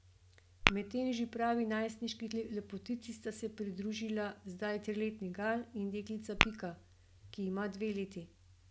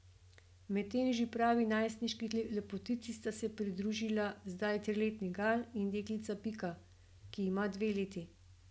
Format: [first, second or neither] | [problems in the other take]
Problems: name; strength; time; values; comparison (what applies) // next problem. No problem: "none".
second | background sound (Tap / Glass); 1 dB above the speech